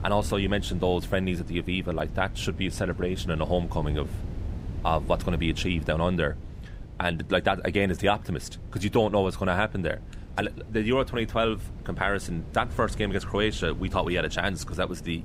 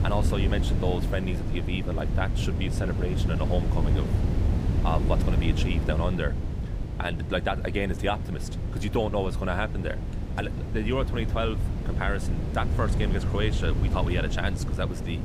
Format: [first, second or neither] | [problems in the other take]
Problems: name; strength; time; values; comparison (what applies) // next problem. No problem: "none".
first | wind noise on the microphone; heavy; 7 dB below the speech; occasional gusts in the first